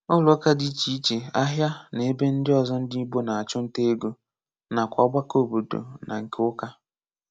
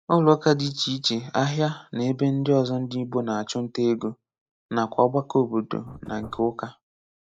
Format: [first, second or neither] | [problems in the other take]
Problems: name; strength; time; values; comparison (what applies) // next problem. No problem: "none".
first | noise reduction (neural mask model Resemble Enhance denoiser)